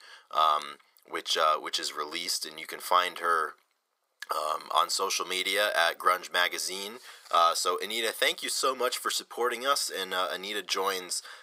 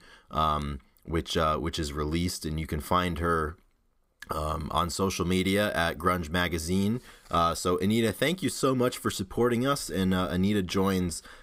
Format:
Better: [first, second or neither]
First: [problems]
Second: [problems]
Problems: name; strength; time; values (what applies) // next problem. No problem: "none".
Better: second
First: thin; very; fading below 550 Hz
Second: none